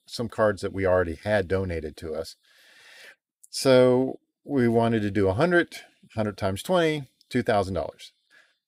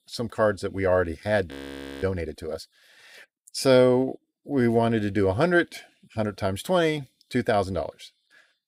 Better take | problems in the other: first | audio freezing; at 1.5 s for 0.5 s

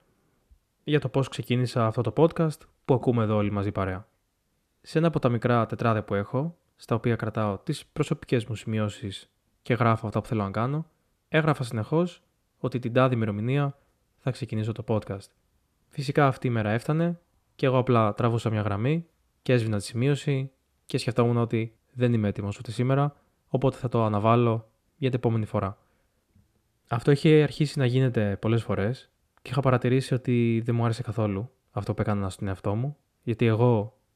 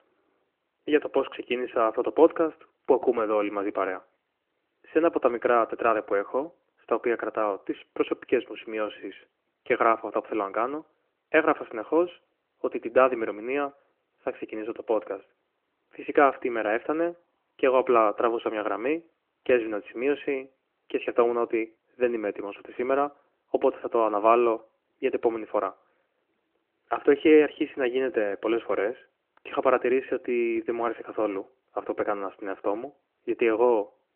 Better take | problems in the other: first | phone-call audio; nothing above 3 kHz

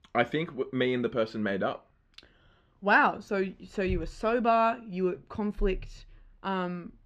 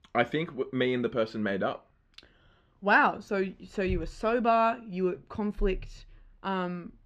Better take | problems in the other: neither | muffled; slightly; fading above 2.5 kHz; the same in both

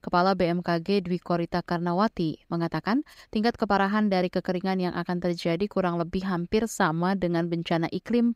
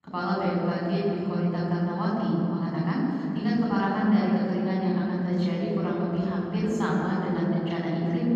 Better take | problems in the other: first | room echo; strong; dies away in 3 s // off-mic speech; far

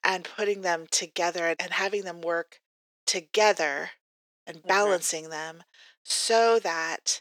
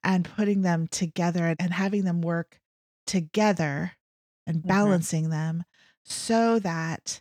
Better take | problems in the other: second | thin; very; fading below 400 Hz

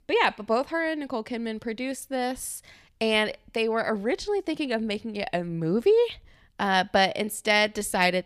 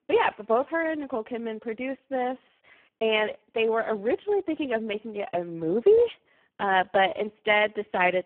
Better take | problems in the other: first | phone-call audio; poor line

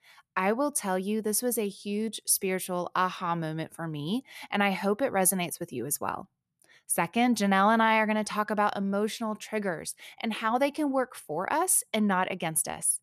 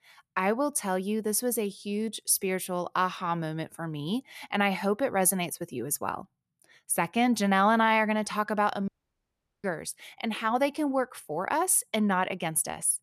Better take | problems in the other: first | audio cutting out; at 9 s for 1 s

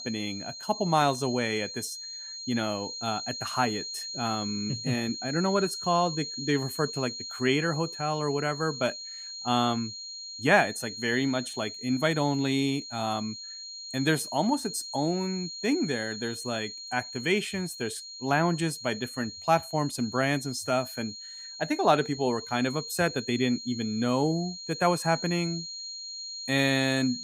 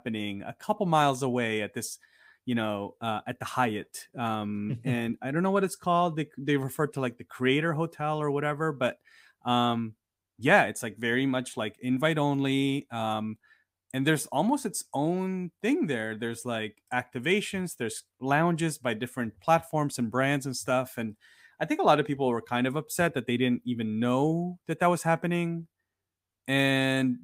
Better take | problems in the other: second | high-pitched whine; loud; throughout; 4 kHz, 8 dB below the speech

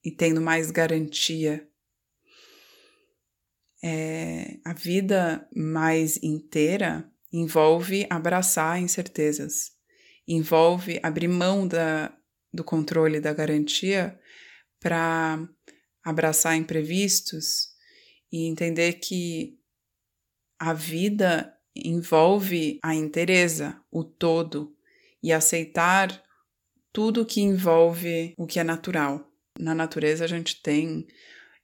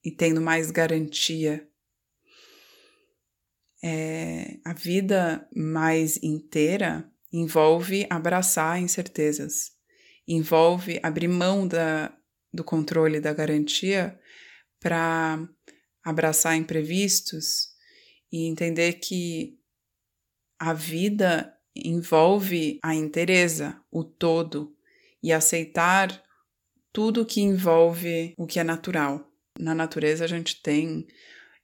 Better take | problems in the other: neither | none

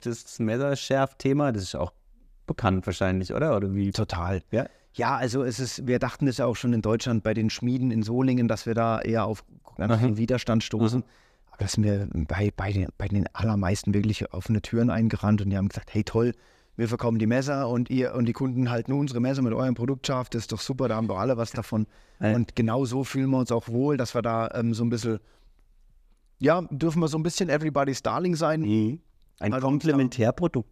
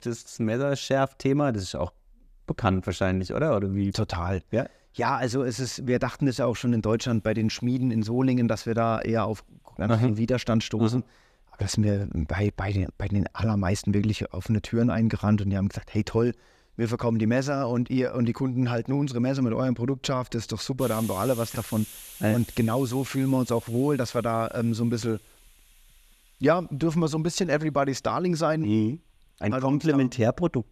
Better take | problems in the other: first | hiss; noticeable; from 7 s on; 15 dB below the speech

